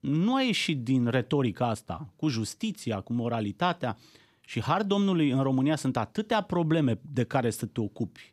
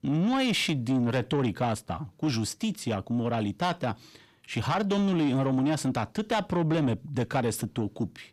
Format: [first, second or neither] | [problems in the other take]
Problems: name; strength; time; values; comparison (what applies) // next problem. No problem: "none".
first | distortion; slight; 10 dB below the speech